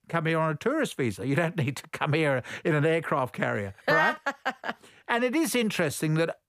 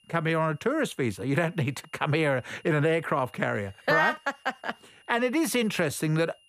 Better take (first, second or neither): first